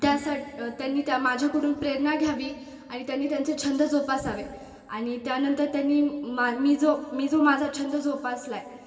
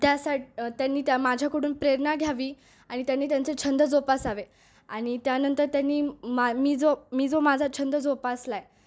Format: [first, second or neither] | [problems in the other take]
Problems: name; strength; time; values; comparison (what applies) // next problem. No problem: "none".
second | room echo; dies away in 1.9 s